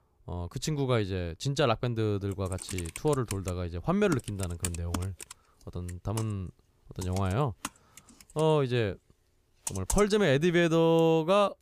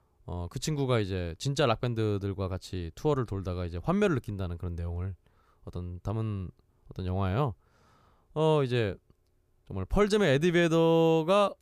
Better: second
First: keyboard typing; noticeable; from 2.5 to 10 s; peak 5 dB below the speech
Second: none

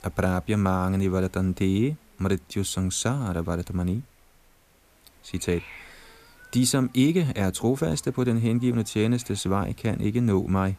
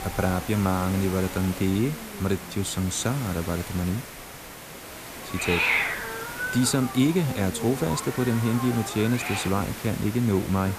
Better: first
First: hiss; faint; throughout; 25 dB below the speech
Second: hiss; loud; throughout; 6 dB below the speech

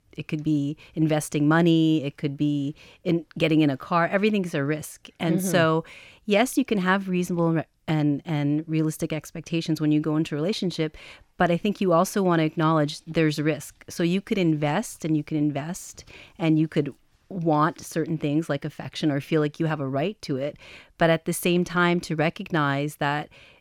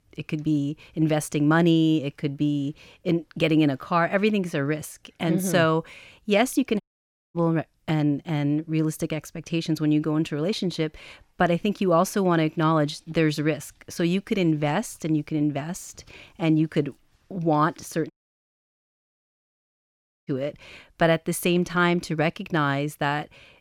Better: first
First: none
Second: audio cutting out; at 7 s for 0.5 s and at 18 s for 2 s

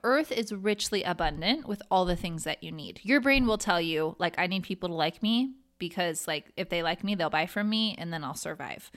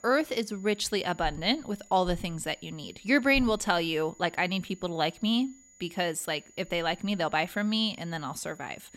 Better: first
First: none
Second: high-pitched whine; faint; throughout; 7 kHz, 25 dB below the speech

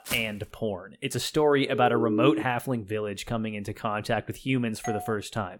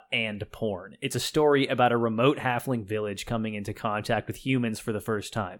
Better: second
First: footsteps; noticeable; at the start; peak 8 dB below the speech // siren; loud; at 1.5 s; peak 1 dB above the speech // doorbell; noticeable; at 5 s; peak 9 dB below the speech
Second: none

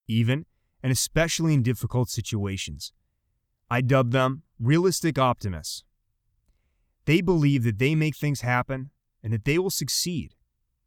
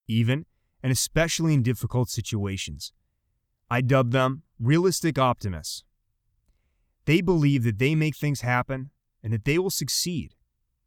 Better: neither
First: none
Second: none

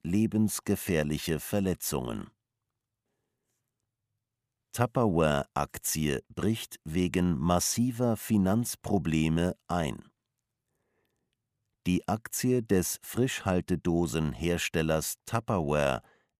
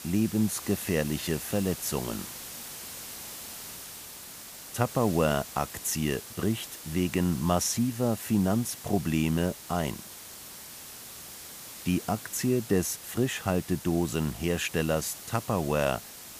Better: first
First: none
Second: hiss; noticeable; throughout; 10 dB below the speech

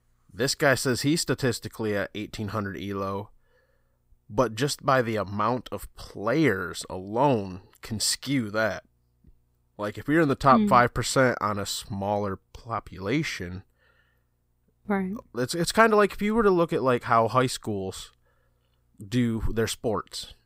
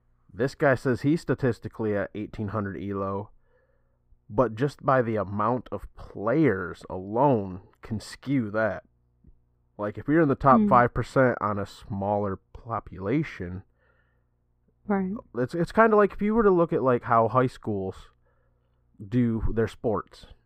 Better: first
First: none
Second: muffled; very; fading above 2.5 kHz

